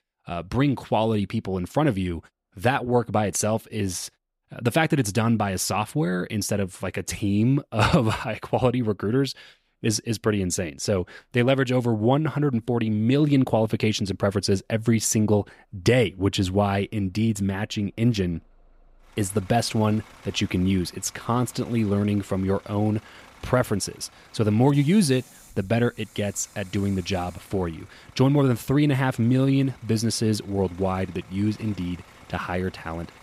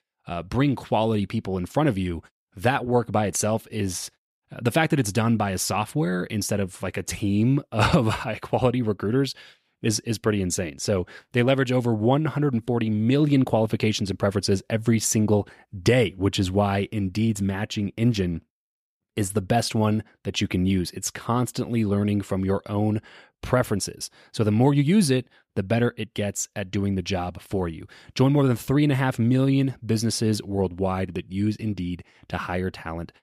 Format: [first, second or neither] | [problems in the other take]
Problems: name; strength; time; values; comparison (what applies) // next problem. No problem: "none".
second | traffic noise; faint; throughout; 25 dB below the speech